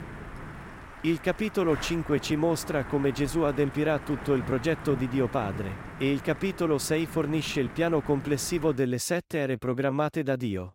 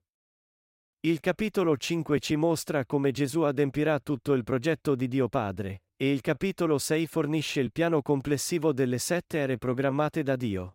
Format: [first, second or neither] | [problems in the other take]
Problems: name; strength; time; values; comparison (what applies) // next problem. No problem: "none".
second | wind noise on the microphone; occasional gusts; until 9 s; 10 dB below the speech